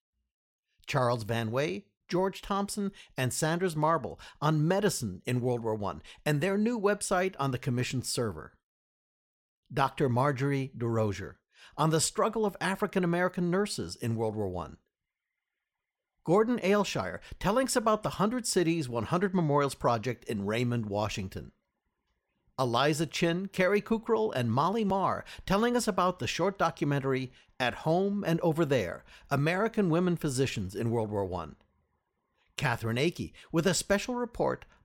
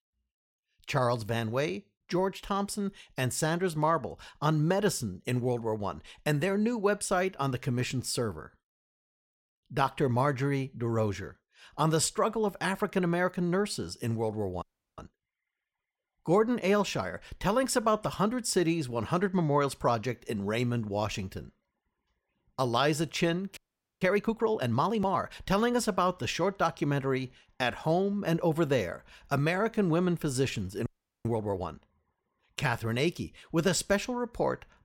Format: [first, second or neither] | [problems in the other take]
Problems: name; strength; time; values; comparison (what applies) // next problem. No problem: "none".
first | audio freezing; at 15 s, at 24 s and at 31 s